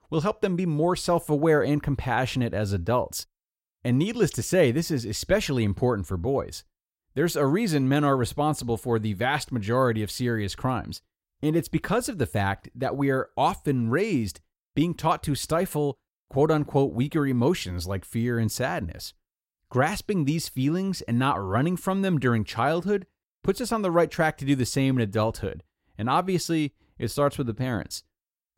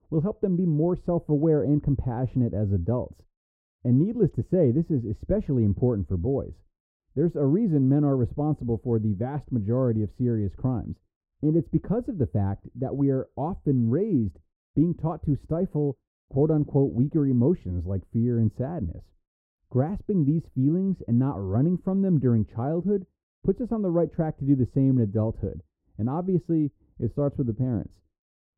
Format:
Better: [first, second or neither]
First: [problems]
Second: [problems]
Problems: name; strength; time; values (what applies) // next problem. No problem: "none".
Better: first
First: none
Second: muffled; very; fading above 1 kHz